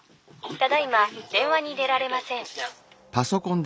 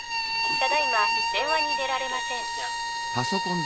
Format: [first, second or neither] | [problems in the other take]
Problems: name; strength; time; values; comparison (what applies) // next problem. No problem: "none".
first | background sound (Bowed string instrument); 4 dB above the speech